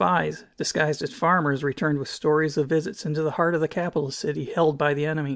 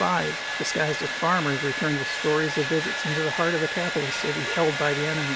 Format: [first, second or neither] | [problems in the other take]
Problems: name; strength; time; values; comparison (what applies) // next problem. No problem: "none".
first | background sound (Domestic sounds, home sounds); 3 dB below the speech